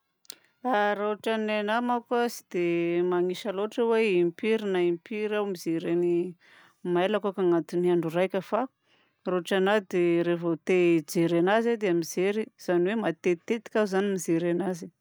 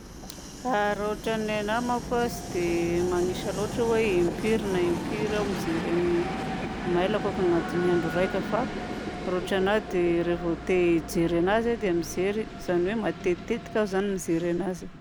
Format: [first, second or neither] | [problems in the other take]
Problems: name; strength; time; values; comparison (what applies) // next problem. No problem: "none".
first | background sound (Train); 7 dB below the speech